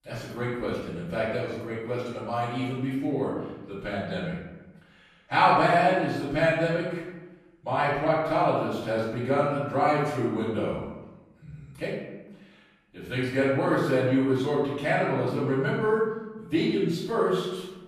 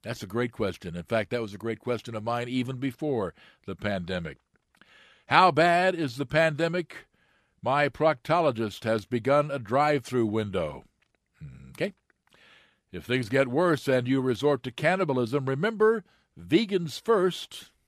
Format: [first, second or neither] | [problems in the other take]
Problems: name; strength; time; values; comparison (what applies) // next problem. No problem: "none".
second | room echo; noticeable; dies away in 1 s // off-mic speech; far